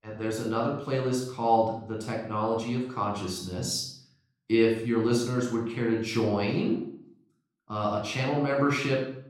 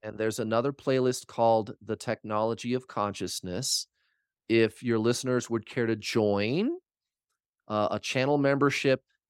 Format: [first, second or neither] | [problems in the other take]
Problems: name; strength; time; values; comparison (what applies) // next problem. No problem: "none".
second | off-mic speech; somewhat distant // room echo; noticeable; dies away in 0.6 s